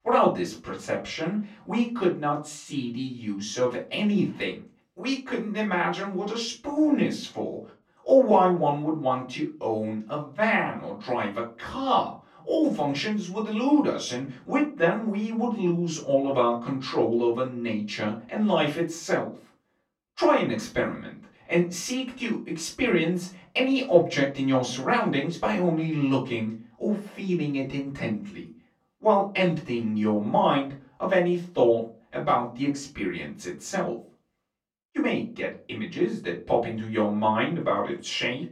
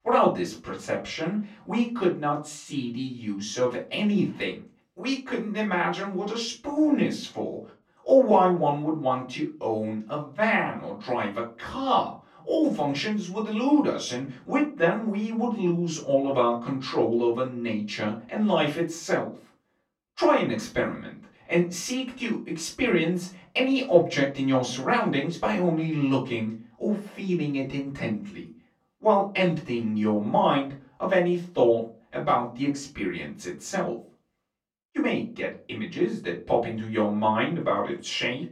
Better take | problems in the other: neither | room echo; slight; dies away in 0.3 s; the same in both // off-mic speech; far; the same in both

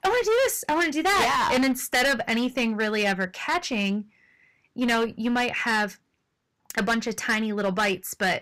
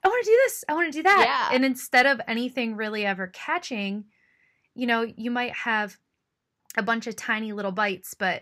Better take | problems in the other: second | distortion; heavy; 16% of the sound clipped

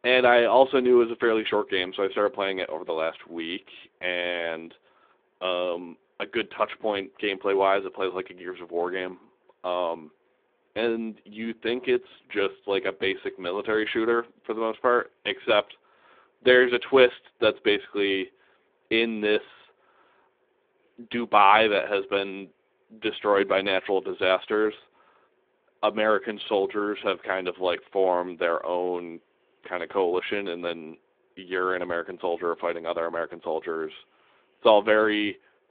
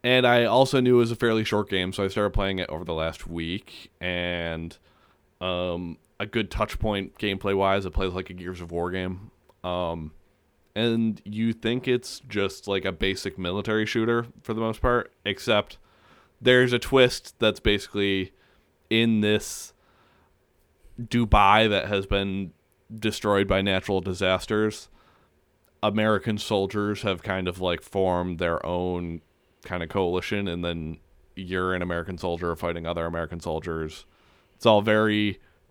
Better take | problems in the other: second | phone-call audio

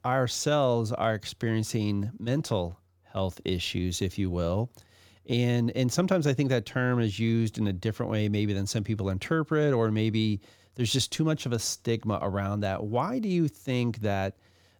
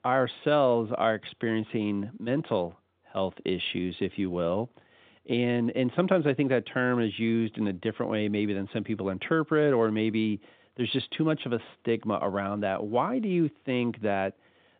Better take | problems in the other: first | phone-call audio; nothing above 3.5 kHz

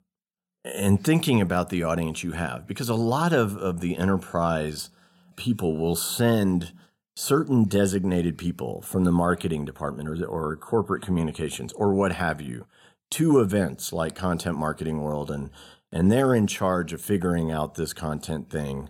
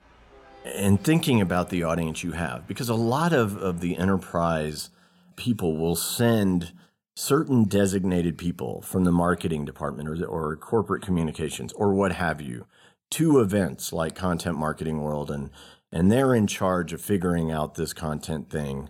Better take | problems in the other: first | train or aircraft noise; faint; until 4 s; 25 dB below the speech

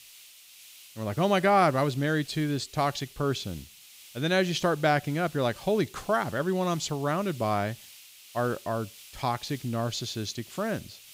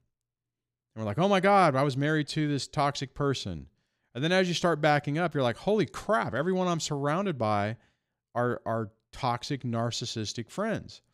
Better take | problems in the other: second | hiss; noticeable; throughout; 20 dB below the speech

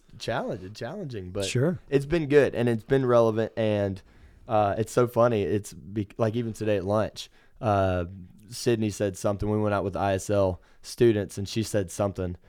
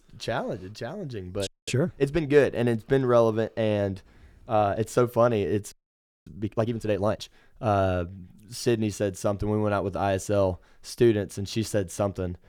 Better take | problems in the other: first | audio freezing; at 1.5 s and at 5.5 s for 0.5 s

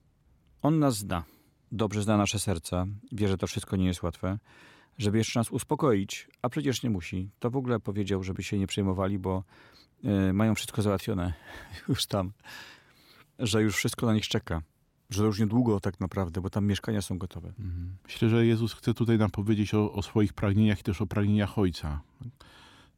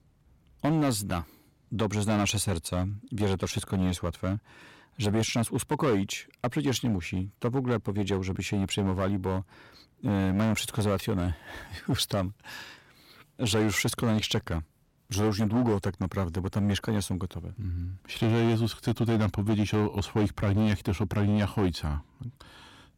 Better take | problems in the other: first | distortion; slight; 9% of the sound clipped

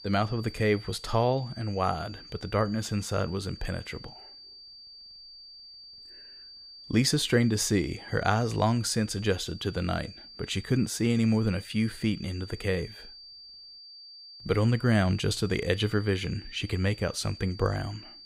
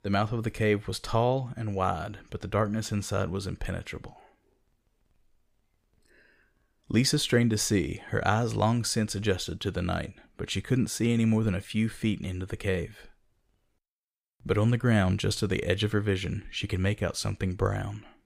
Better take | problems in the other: second | high-pitched whine; noticeable; throughout; 4.5 kHz, 15 dB below the speech

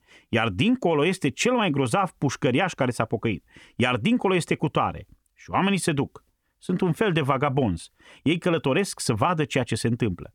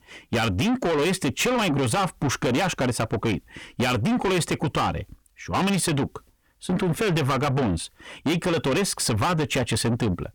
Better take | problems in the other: first | distortion; heavy; 6 dB below the speech

